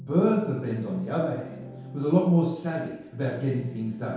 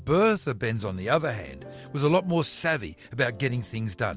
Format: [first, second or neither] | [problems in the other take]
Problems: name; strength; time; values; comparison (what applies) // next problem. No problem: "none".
second | room echo; dies away in 0.8 s